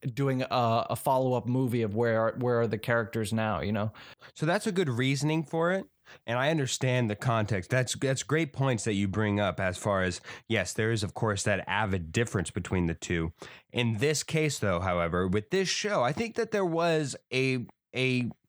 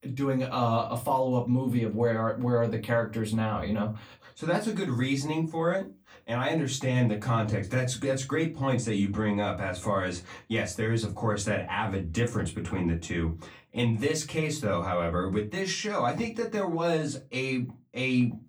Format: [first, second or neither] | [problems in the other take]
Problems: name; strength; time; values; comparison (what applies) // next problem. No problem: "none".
first | off-mic speech; far // room echo; very slight; dies away in 0.2 s